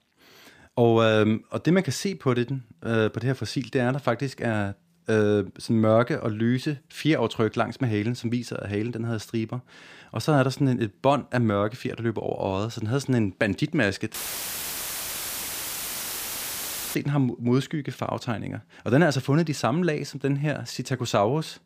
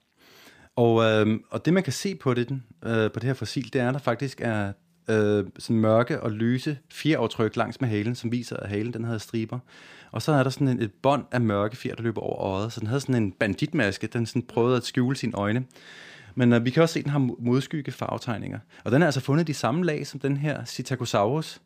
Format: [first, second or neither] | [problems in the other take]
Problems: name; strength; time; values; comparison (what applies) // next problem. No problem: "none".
second | audio cutting out; filled with static; at 14 s for 3 s